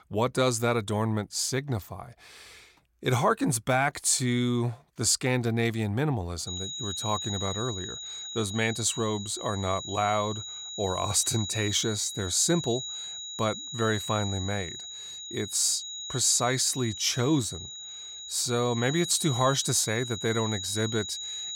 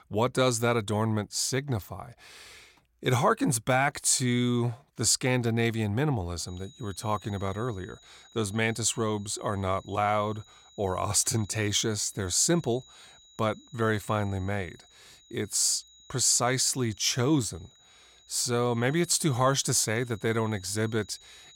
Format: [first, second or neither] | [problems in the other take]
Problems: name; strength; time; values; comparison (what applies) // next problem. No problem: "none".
second | high-pitched whine; loud; from 6.5 s on; 4 kHz, 8 dB below the speech; faint in the second